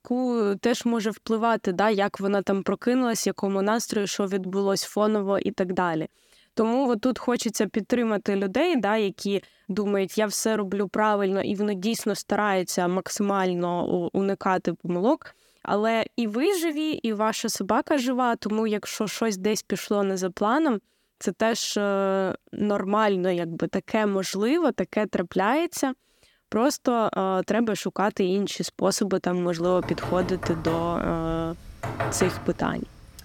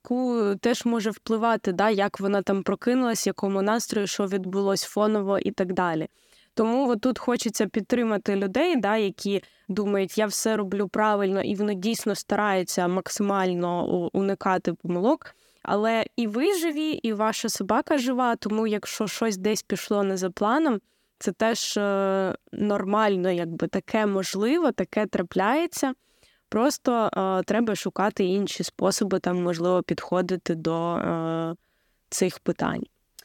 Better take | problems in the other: second | door banging; noticeable; from 30 s on; peak 3 dB below the speech

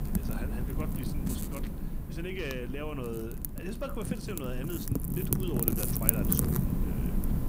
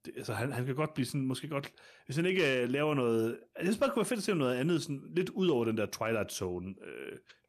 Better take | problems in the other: second | wind noise on the microphone; heavy; 1 dB above the speech

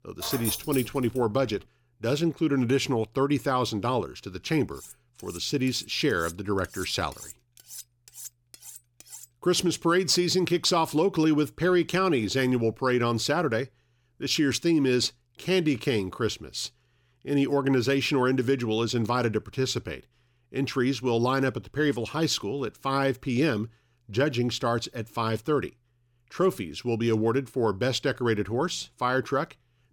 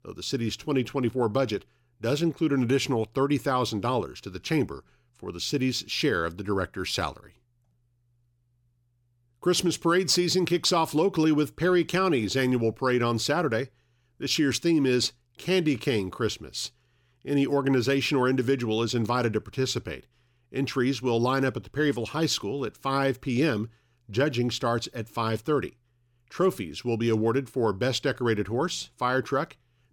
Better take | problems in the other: second | jangling keys; noticeable; until 1.5 s; peak 4 dB below the speech // clattering dishes; faint; from 5 to 9.5 s; peak 15 dB below the speech

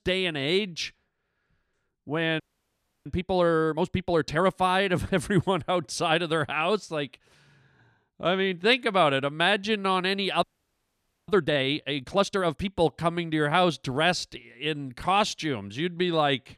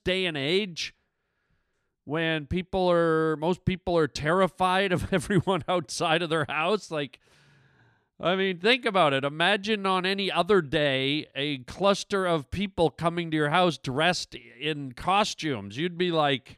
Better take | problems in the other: second | audio freezing; at 2.5 s for 0.5 s and at 10 s for 1 s

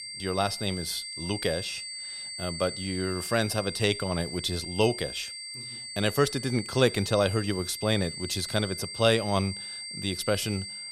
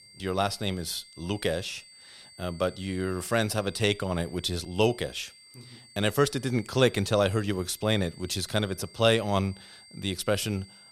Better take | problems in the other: second | high-pitched whine; loud; throughout; 4.5 kHz, 8 dB below the speech; faint in the second

